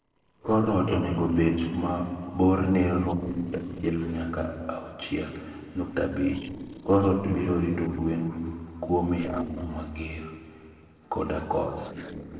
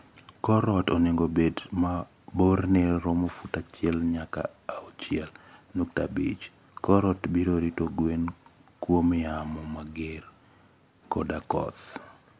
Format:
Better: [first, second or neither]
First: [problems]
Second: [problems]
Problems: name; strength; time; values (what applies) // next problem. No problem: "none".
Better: second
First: noise reduction (neural separator model SepFormer DNS4)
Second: none